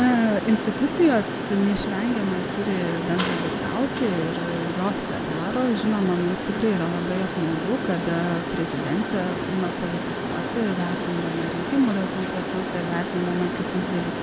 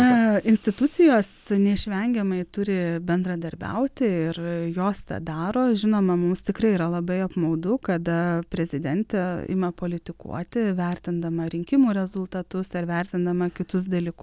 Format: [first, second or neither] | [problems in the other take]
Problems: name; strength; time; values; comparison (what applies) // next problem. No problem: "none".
second | background sound (Mechanisms); 3 dB below the speech